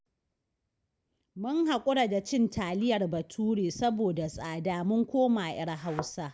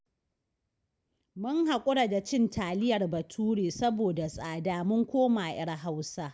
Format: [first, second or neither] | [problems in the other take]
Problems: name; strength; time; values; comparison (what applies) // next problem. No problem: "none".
second | background sound (Thump, thud); 13 dB below the speech